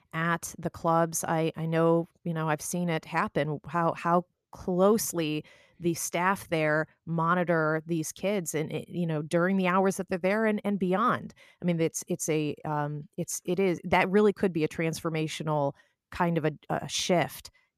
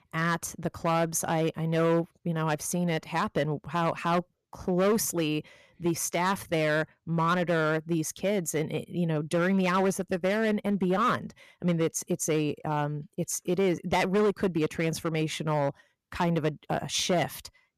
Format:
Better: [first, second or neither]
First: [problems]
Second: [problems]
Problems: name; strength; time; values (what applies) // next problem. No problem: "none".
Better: first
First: none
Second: distortion; slight; 6% of the sound clipped